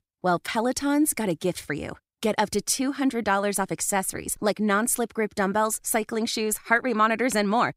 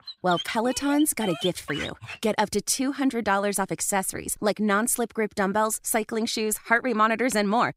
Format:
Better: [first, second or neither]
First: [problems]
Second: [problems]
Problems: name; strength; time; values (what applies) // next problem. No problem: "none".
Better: first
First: none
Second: dog barking; noticeable; until 2 s; peak 8 dB below the speech